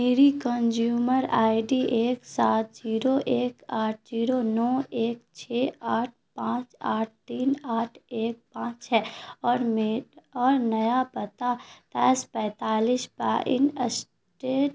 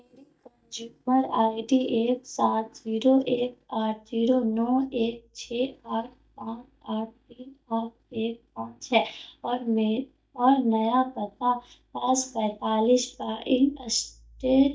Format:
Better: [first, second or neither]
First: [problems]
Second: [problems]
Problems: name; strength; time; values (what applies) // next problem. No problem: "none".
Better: first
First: none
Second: noise reduction (neural mask model DeepFilterNet 3)